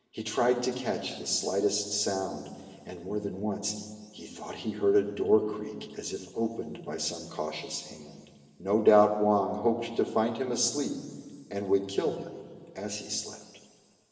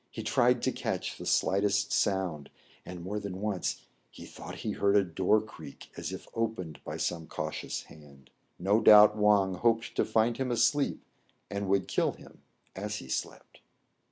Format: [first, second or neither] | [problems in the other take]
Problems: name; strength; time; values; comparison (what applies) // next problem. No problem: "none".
second | room echo; dies away in 1.9 s